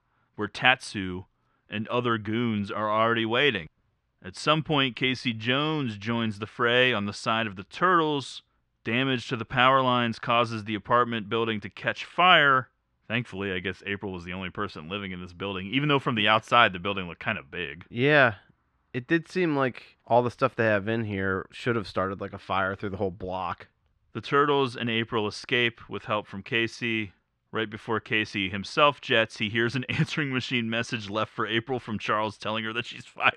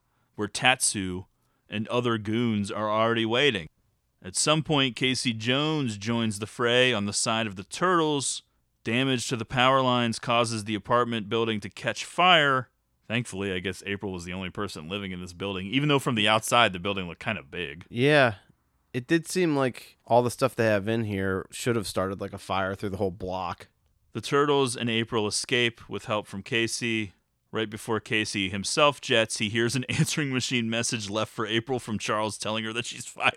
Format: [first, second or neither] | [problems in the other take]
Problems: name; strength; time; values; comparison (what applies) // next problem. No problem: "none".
second | muffled; slightly; fading above 3 kHz